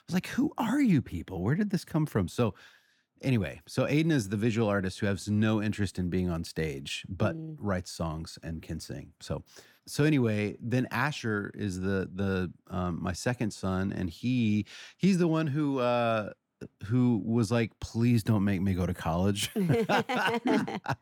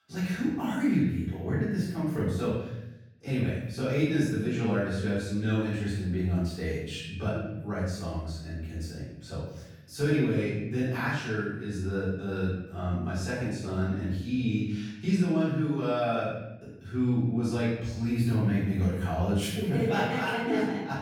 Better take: first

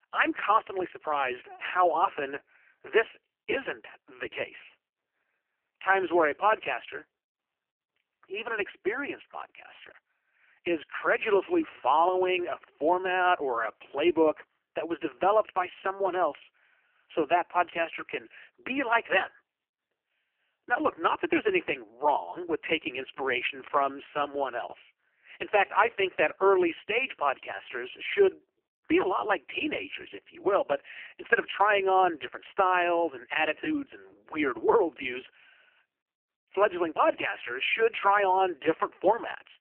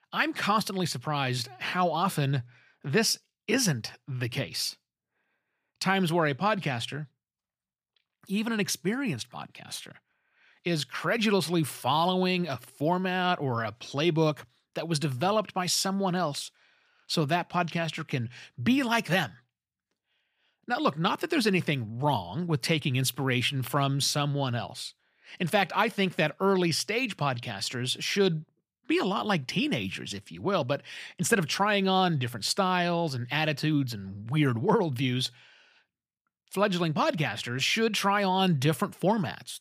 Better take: second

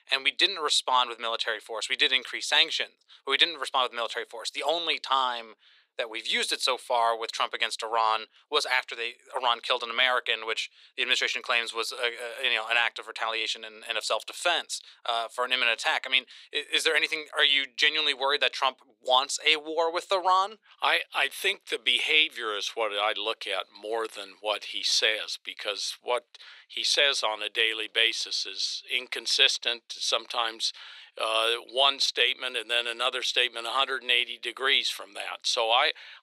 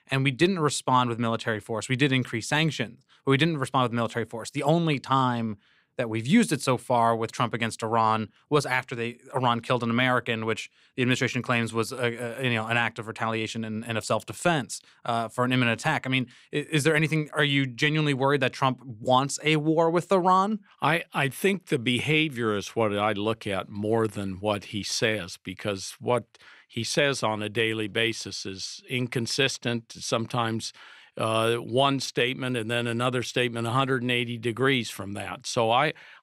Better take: second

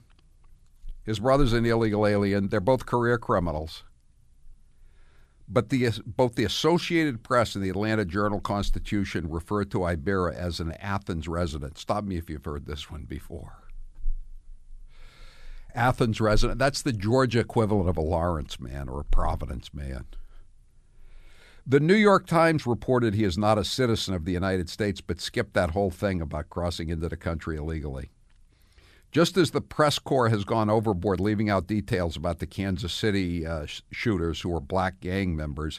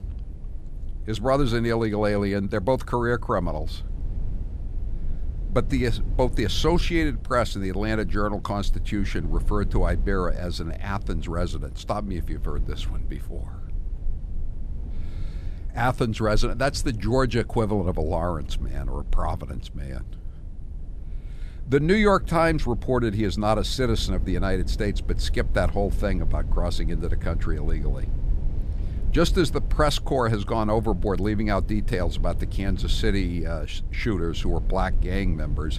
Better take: first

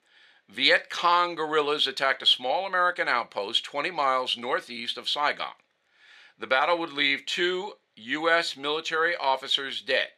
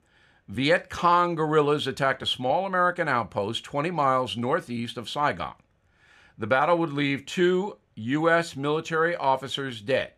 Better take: second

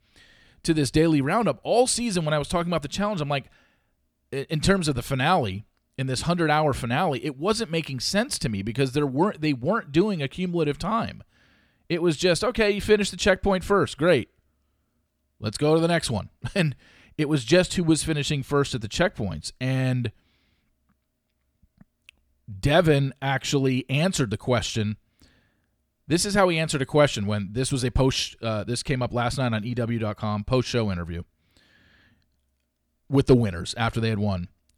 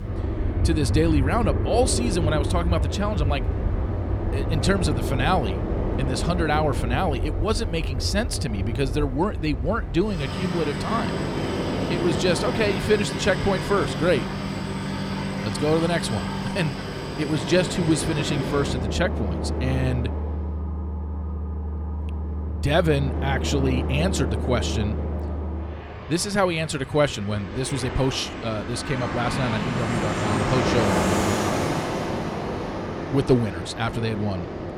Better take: first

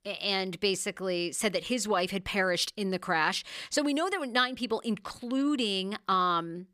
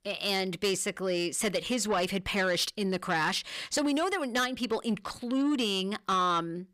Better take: first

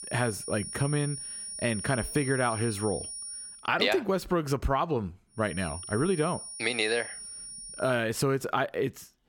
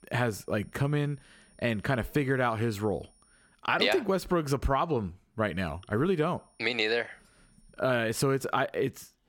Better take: second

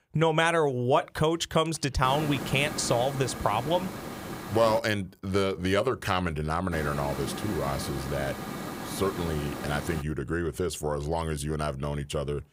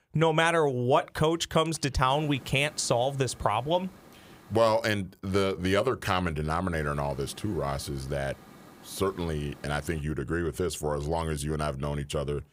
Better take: second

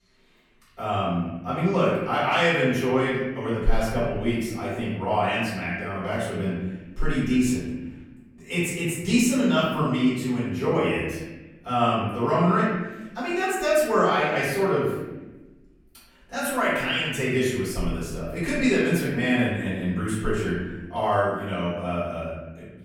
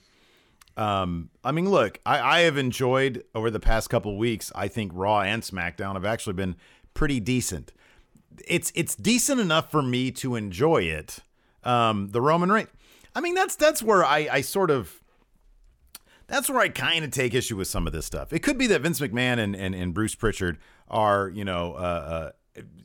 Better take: second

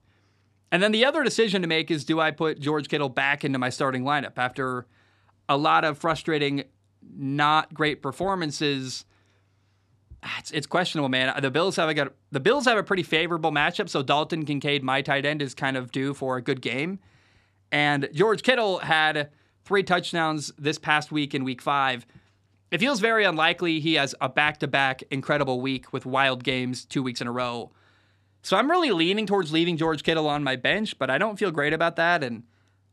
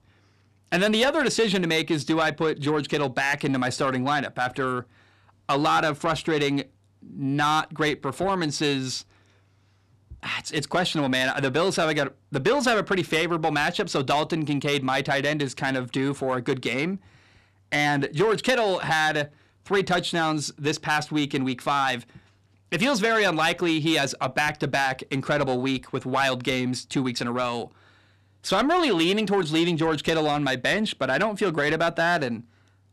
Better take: first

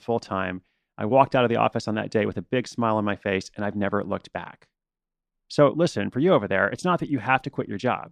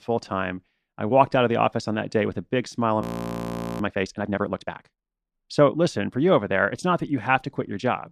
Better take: first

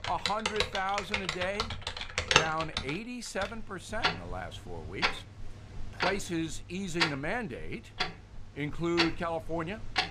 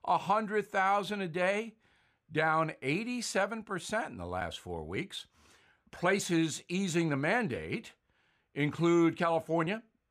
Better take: second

